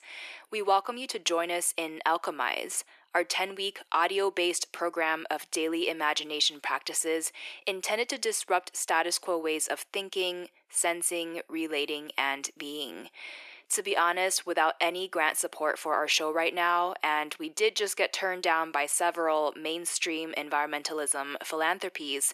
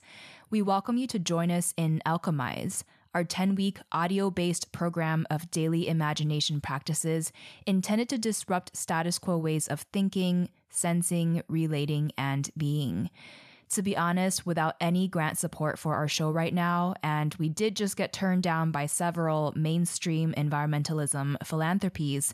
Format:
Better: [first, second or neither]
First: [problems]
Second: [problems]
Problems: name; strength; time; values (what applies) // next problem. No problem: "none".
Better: second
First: thin; very; fading below 350 Hz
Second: none